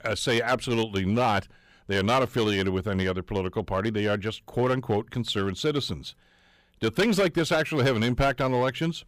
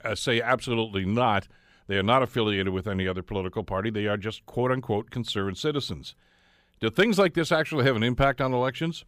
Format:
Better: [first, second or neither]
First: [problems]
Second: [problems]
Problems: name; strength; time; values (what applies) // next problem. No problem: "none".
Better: second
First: distortion; slight; 5% of the sound clipped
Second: none